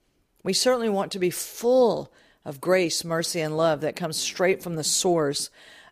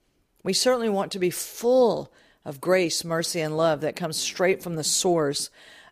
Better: neither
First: none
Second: none

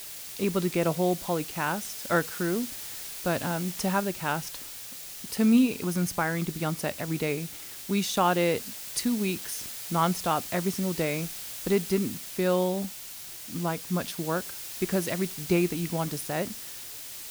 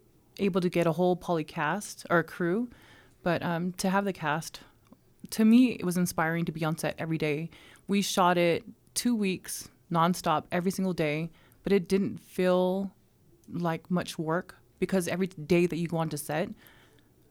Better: second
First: hiss; loud; throughout; 8 dB below the speech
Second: none

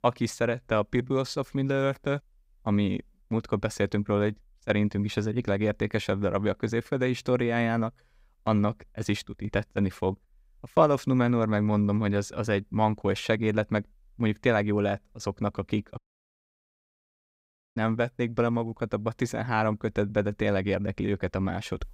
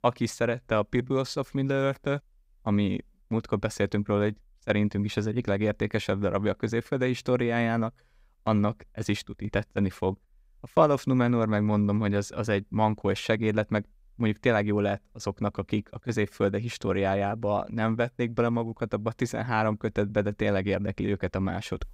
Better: second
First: audio cutting out; at 16 s for 2 s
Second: none

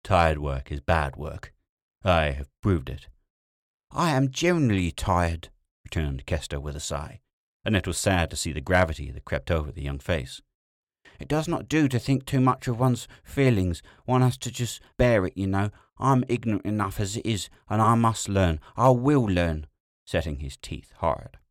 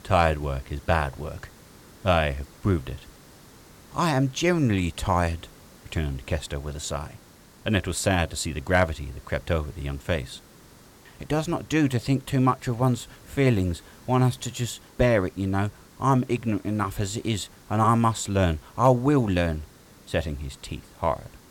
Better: first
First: none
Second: hiss; faint; throughout; 25 dB below the speech

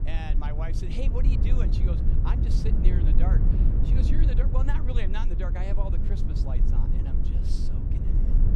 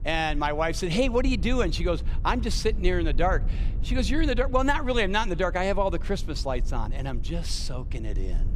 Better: second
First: low rumble; loud; throughout; 1 dB below the speech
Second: low rumble; faint; throughout; 25 dB below the speech

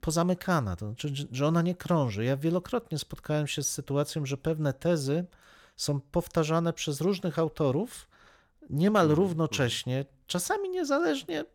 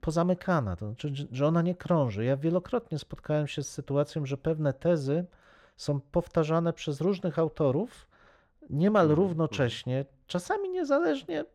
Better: first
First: none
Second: muffled; slightly; fading above 2 kHz

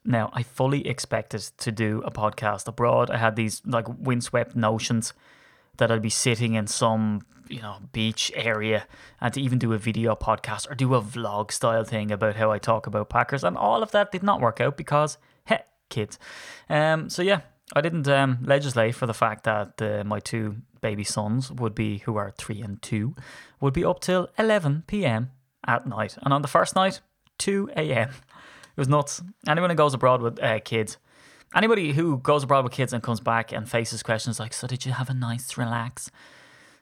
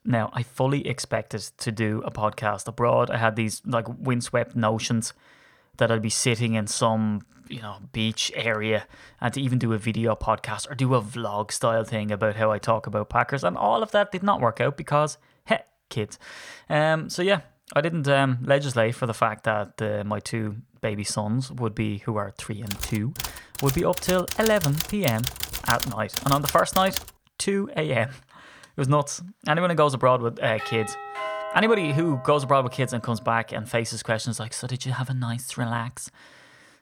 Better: first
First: none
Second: keyboard typing; noticeable; from 23 to 27 s; peak 3 dB below the speech // doorbell; noticeable; from 31 to 33 s; peak 6 dB below the speech

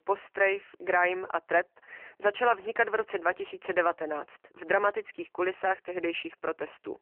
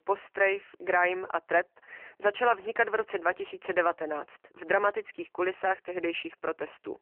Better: neither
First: phone-call audio; poor line; nothing above 3 kHz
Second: phone-call audio; poor line; nothing above 3 kHz

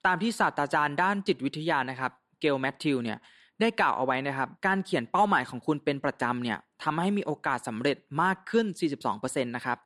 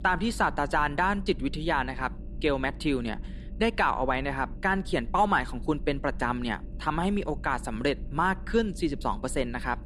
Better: first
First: none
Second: low rumble; faint; throughout; 25 dB below the speech

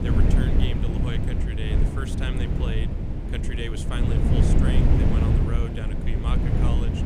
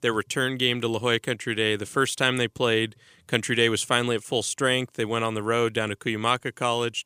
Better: second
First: wind noise on the microphone; heavy; 3 dB above the speech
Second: none

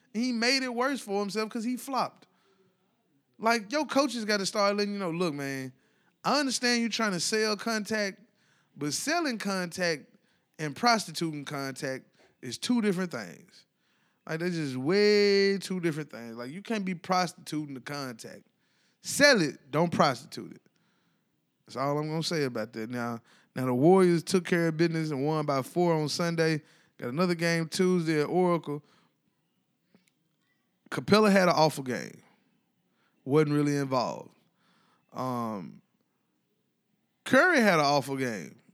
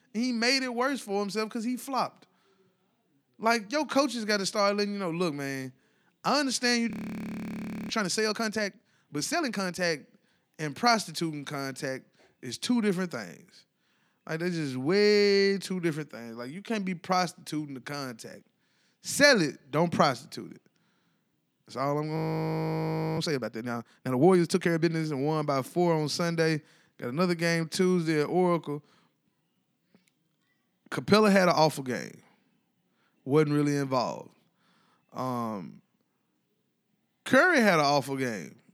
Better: first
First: none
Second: audio freezing; at 7 s for 1 s and at 22 s for 1 s

